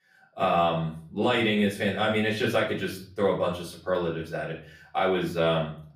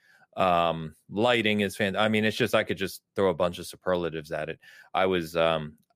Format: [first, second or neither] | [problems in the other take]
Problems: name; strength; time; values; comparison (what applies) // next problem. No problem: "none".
second | off-mic speech; far // room echo; slight; dies away in 0.5 s